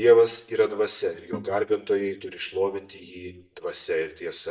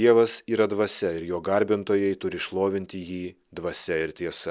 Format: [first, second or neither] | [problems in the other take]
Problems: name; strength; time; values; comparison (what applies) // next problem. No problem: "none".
second | noise reduction (neural mask model DeepFilterNet 3)